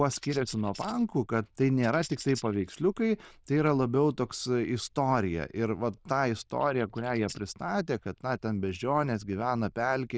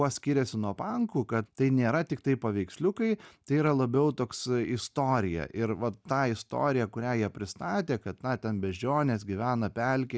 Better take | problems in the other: second | noise reduction (neural diffusion model UNIVERSE++)

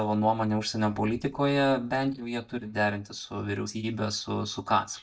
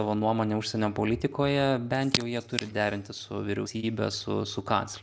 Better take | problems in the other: second | noise reduction (neural mask model DeepFilterNet 3)

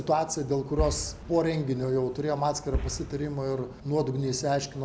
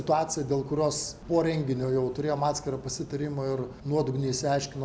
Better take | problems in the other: second | background sound (Boom); 7 dB below the speech

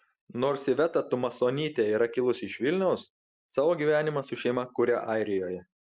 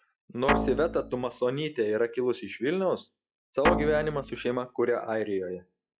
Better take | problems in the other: first | noise reduction (classical method log-MMSE)

